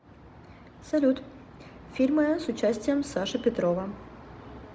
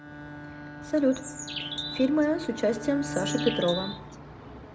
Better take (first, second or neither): first